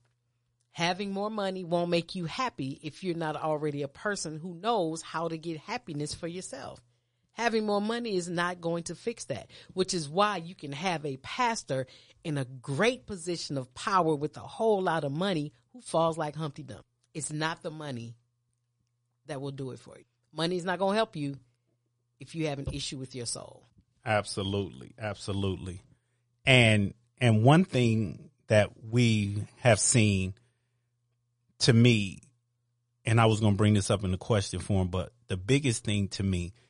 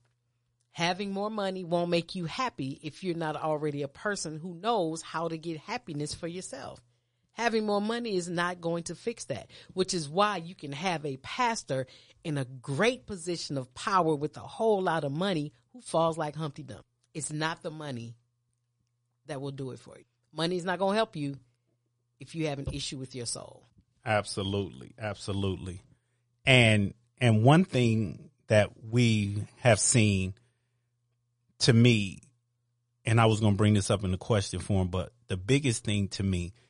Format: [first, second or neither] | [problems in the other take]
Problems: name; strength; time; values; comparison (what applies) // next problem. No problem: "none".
neither | garbled, watery; slightly; nothing above 10 kHz; the same in both